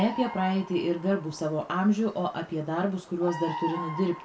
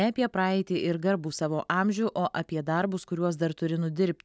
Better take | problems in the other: second | background sound (Bird vocalization, bird call, bird song); 12 dB below the speech // room echo; dies away in 0.3 s

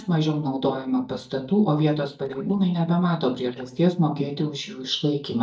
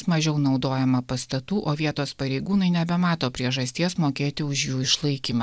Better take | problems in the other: second | noise reduction (neural mask model DeepFilterNet 3)

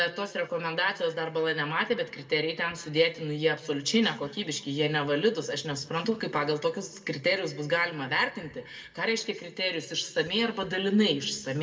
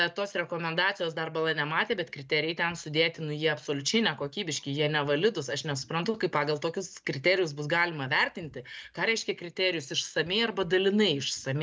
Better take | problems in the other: second | room echo; dies away in 1 s

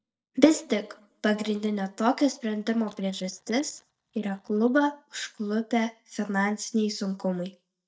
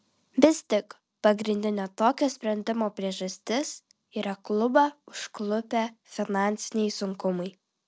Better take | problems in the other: second | noise reduction (neural mask model DeepFilterNet 3)

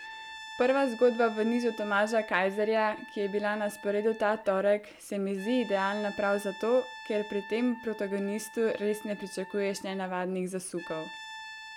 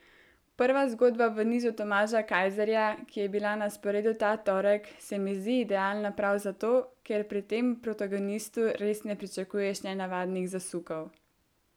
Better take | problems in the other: second | background sound (Brass instrument); 16 dB below the speech

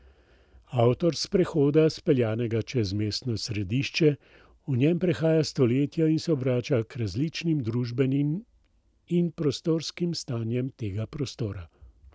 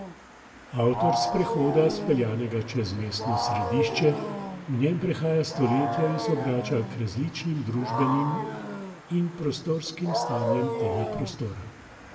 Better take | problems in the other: first | background sound (Wild animals); 4 dB below the speech // room echo; dies away in 1 s

